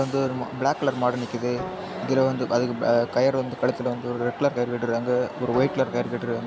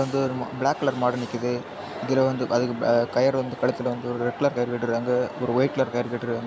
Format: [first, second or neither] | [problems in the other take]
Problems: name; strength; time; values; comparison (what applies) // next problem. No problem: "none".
second | background sound (Bowed string instrument); 17 dB below the speech